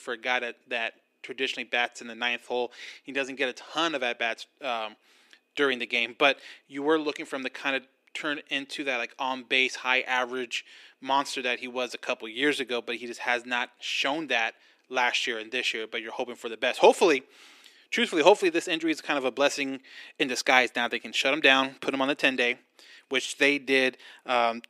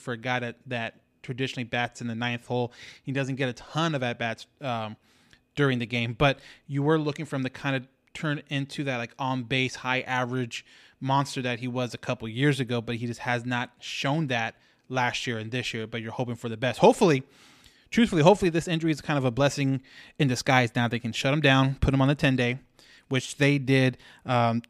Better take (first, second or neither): second